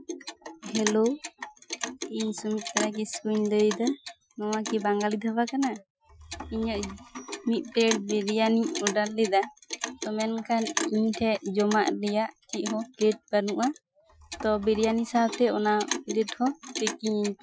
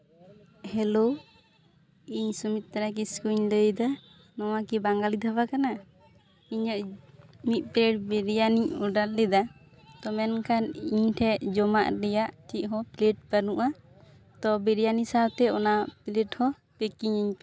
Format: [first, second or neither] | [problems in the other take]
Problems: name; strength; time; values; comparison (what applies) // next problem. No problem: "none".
second | noise reduction (classical method Wiener filter)